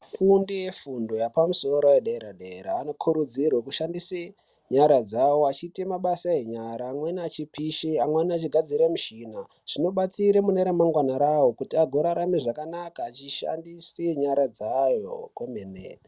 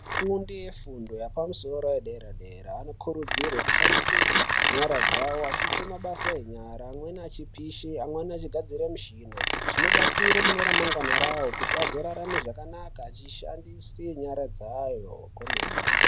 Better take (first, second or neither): first